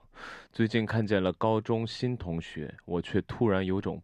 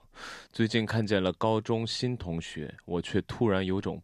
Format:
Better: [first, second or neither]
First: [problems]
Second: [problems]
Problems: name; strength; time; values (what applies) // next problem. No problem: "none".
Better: second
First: muffled; very slightly; fading above 3.5 kHz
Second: none